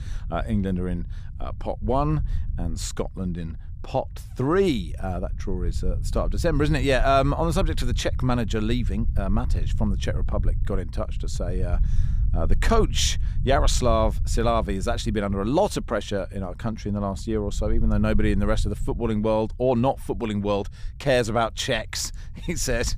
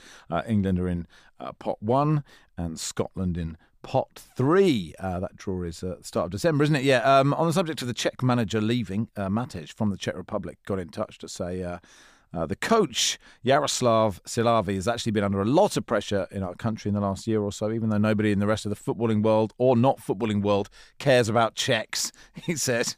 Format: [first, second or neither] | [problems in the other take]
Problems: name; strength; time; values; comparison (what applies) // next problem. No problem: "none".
second | low rumble; faint; throughout; 20 dB below the speech